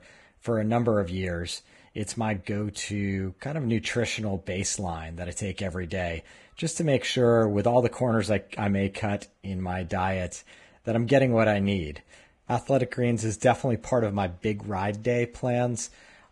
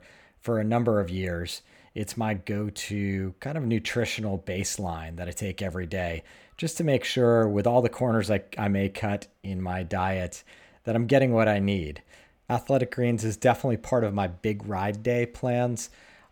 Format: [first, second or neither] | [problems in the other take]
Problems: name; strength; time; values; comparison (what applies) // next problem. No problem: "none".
second | garbled, watery; badly